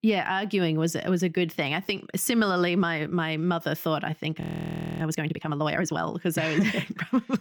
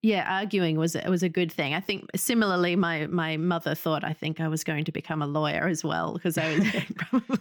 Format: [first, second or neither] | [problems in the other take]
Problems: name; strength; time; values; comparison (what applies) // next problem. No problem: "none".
second | audio freezing; at 4.5 s for 0.5 s